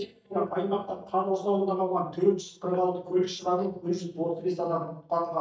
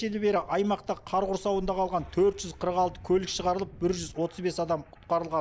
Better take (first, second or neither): second